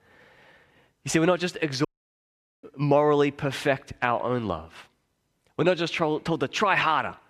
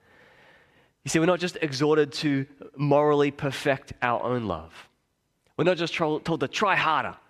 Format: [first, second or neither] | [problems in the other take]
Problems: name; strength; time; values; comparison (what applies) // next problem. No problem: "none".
second | audio cutting out; at 2 s for 1 s